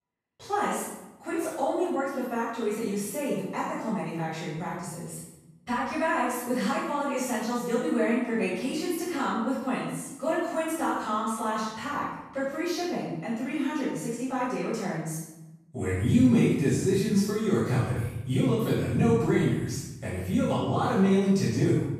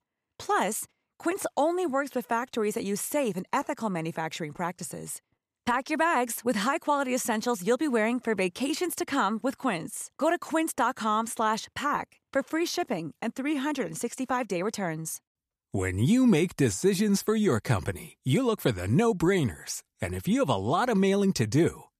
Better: second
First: room echo; strong; dies away in 1 s // off-mic speech; far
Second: none

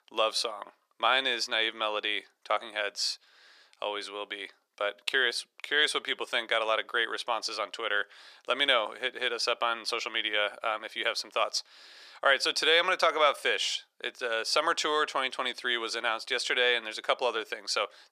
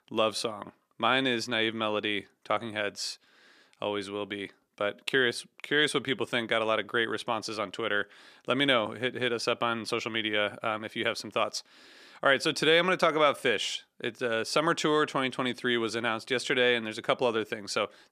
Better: second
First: thin; very; fading below 650 Hz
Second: none

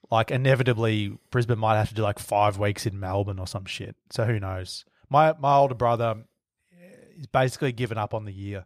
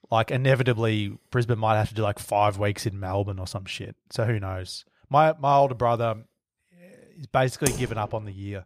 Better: first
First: none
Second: keyboard typing; noticeable; at 7.5 s; peak 4 dB below the speech

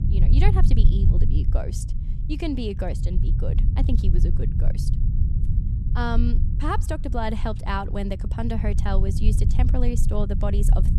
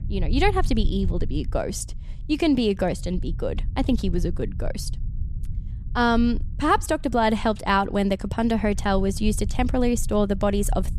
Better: second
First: low rumble; loud; throughout; 8 dB below the speech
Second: low rumble; faint; throughout; 25 dB below the speech

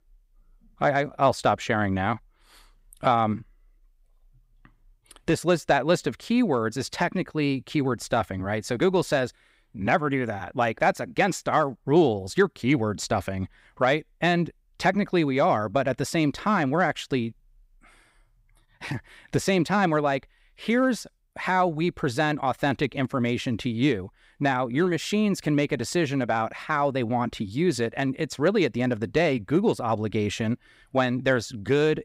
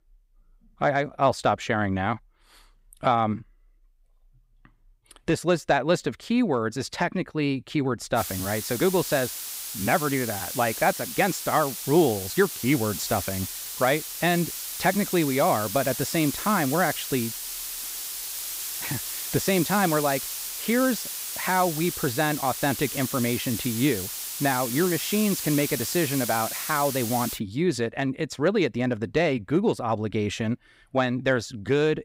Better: first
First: none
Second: hiss; loud; from 8 to 27 s; 5 dB below the speech

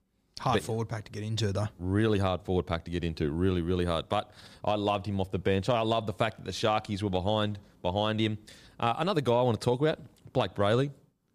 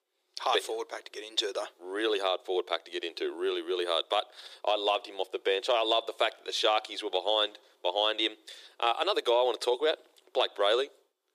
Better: first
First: none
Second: thin; very; fading below 350 Hz

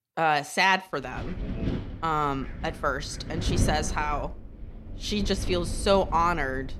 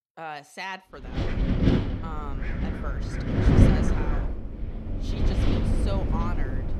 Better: first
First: wind noise on the microphone; occasional gusts; from 1 s on; 15 dB below the speech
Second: wind noise on the microphone; heavy; from 1 s on; 5 dB above the speech

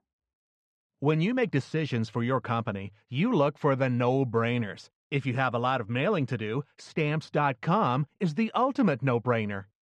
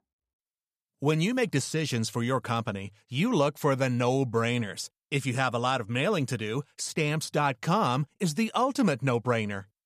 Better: second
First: muffled; slightly; fading above 2.5 kHz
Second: none

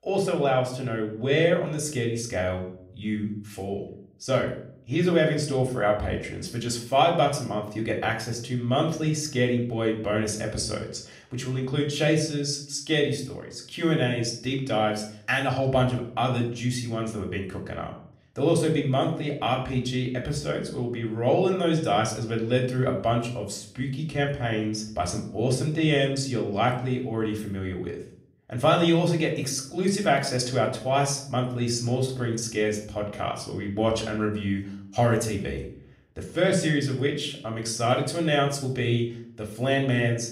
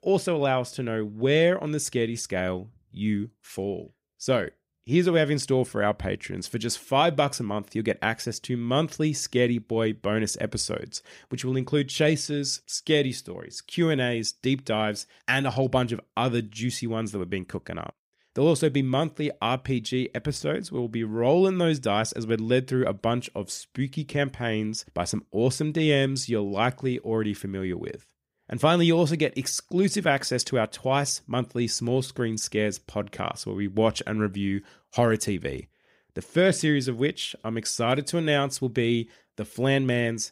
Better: second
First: room echo; slight; dies away in 0.5 s // off-mic speech; somewhat distant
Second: none

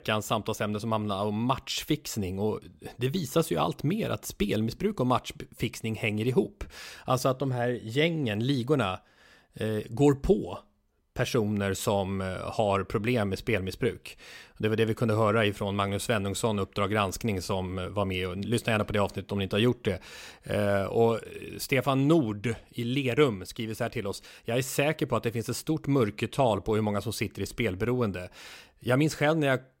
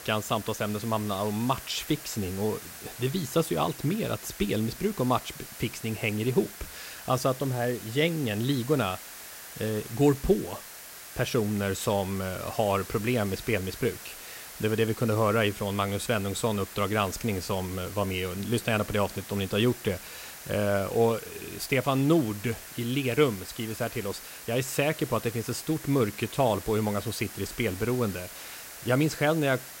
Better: first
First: none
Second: hiss; noticeable; throughout; 15 dB below the speech

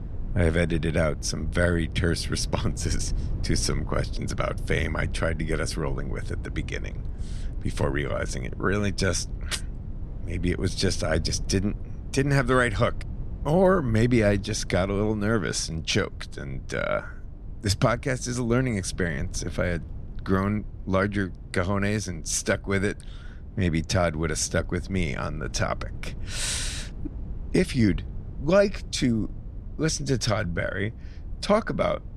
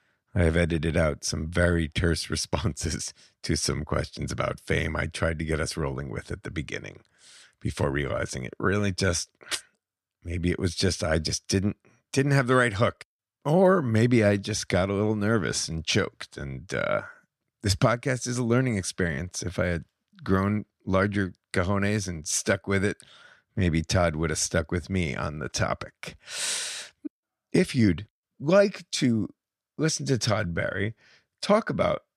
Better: second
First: low rumble; faint; throughout; 20 dB below the speech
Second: none

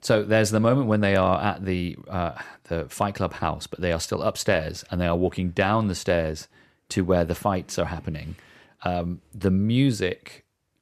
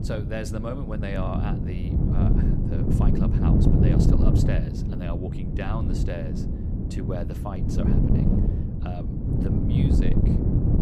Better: first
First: none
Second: wind noise on the microphone; heavy; 3 dB above the speech

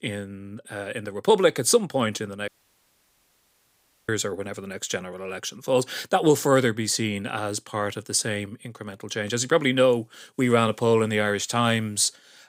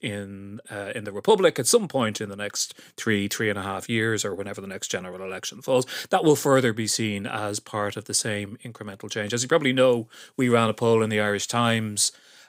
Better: second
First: audio cutting out; at 2.5 s for 1.5 s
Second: none

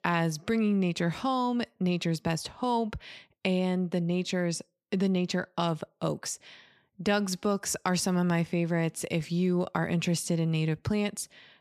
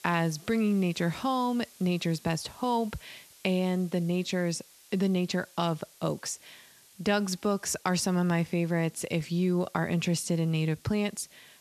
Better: first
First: none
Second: hiss; faint; throughout; 25 dB below the speech

